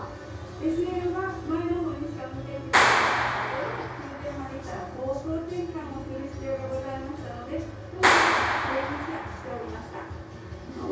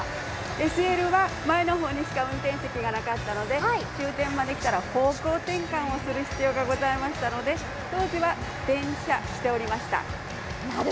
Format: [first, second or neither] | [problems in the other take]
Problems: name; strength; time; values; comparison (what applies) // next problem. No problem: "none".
second | background sound (Clapping); 2 dB above the speech // room echo; dies away in 0.6 s